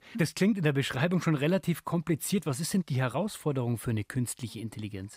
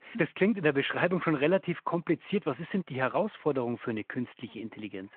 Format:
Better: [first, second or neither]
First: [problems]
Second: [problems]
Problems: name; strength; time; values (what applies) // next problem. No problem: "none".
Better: first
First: none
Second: phone-call audio